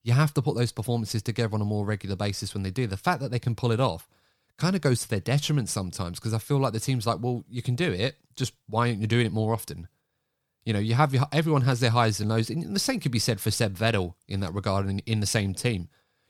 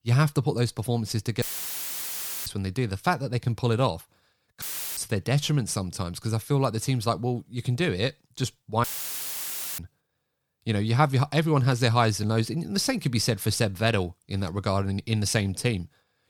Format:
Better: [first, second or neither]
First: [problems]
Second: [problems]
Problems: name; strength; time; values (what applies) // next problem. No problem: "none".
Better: first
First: none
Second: audio cutting out; filled with static; at 1.5 s for 1 s, at 4.5 s and at 9 s for 1 s